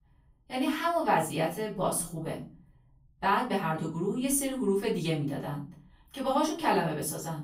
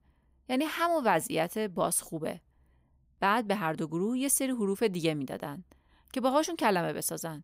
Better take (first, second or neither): second